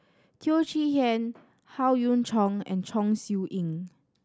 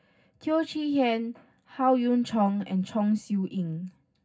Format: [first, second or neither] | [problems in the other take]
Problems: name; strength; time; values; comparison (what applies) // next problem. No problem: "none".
first | room echo; dies away in 0.4 s